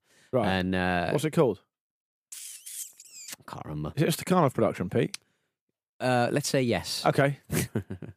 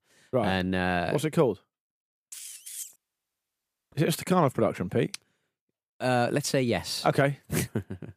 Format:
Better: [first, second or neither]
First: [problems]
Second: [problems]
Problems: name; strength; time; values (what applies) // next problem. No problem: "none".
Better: first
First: none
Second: audio cutting out; at 3 s for 1 s